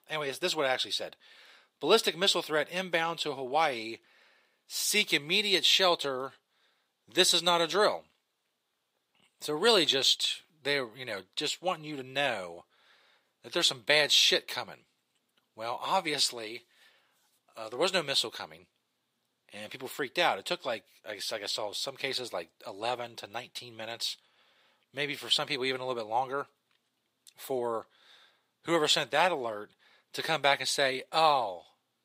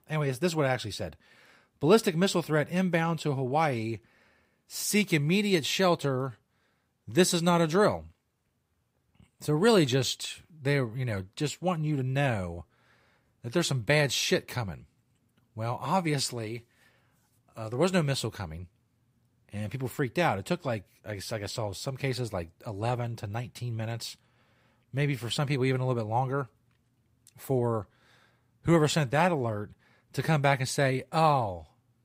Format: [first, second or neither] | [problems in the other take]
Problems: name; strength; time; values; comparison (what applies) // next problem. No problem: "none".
second | thin; somewhat; fading below 450 Hz